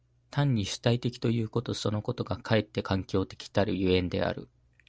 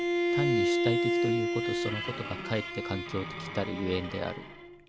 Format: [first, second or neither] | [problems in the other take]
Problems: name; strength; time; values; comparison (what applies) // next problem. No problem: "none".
first | background sound (Bowed string instrument); 4 dB above the speech